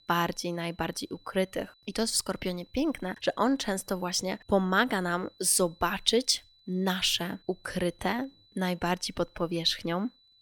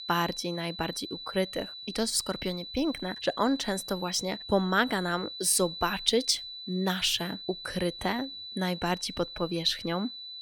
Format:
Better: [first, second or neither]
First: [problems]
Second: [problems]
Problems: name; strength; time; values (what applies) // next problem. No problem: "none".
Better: first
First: high-pitched whine; faint; throughout; 4 kHz, 30 dB below the speech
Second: high-pitched whine; loud; throughout; 4 kHz, 10 dB below the speech